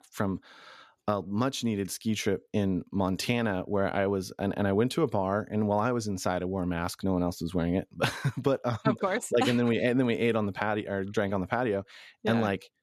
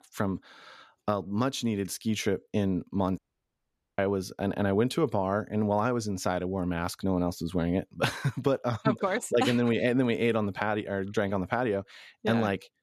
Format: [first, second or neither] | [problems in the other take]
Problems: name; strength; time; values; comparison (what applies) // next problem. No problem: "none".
first | audio cutting out; at 3 s for 1 s